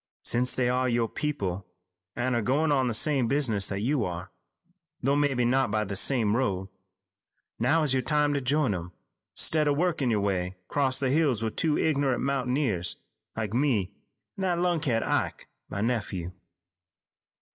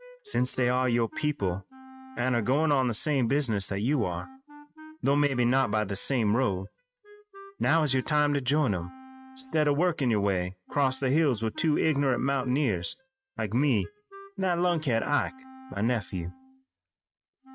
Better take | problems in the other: first | noise reduction (neural mask model RNNoise)

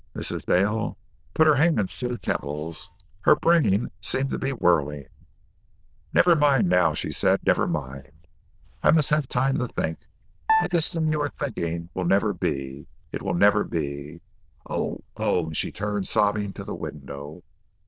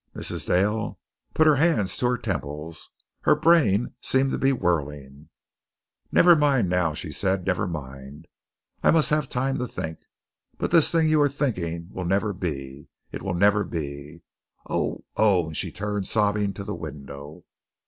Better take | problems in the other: second | noise reduction (neural diffusion model UNIVERSE++)

